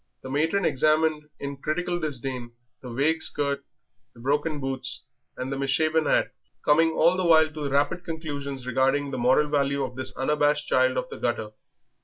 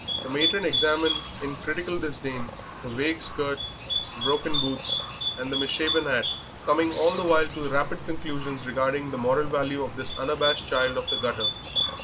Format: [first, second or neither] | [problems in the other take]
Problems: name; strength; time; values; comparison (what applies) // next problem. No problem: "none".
first | background sound (Bird); 4 dB below the speech